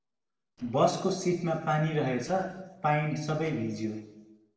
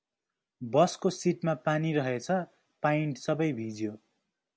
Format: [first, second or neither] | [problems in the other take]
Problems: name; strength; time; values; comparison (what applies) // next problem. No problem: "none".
second | noise reduction (neural separator model SepFormer DNS4)